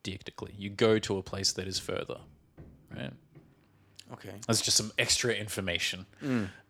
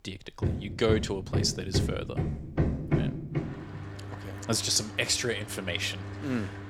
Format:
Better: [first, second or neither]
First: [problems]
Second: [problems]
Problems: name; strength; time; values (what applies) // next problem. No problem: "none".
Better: first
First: machinery noise; faint; throughout; 30 dB below the speech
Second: machinery noise; loud; throughout; 4 dB below the speech